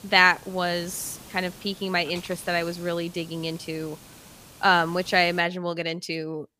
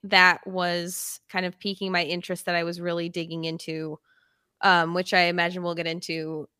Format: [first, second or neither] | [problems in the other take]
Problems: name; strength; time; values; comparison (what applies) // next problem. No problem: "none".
second | hiss; noticeable; until 5.5 s; 20 dB below the speech